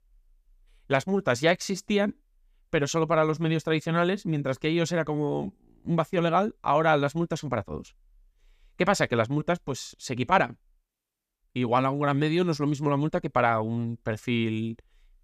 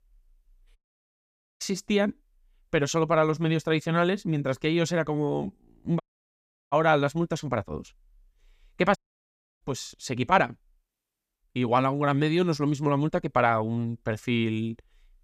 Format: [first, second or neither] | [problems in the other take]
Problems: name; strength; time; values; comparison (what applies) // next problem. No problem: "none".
first | audio cutting out; at 1 s for 1 s, at 6 s for 0.5 s and at 9 s for 0.5 s